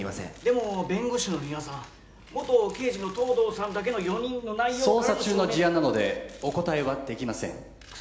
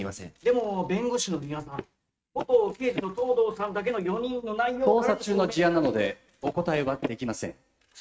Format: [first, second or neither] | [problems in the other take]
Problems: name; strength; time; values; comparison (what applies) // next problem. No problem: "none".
first | noise reduction (neural mask model RNNoise)